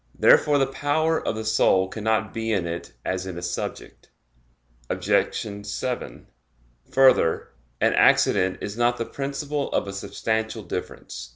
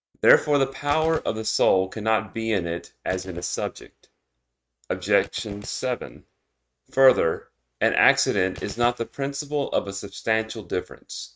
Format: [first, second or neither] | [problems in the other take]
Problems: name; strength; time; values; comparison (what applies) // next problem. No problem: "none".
first | noise reduction (neural mask model RNNoise)